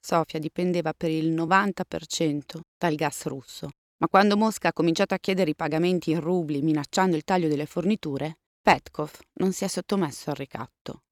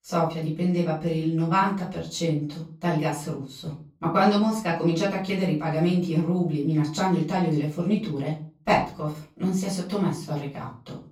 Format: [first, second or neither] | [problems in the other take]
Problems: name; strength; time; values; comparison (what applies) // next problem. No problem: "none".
first | off-mic speech; far // room echo; slight; dies away in 0.4 s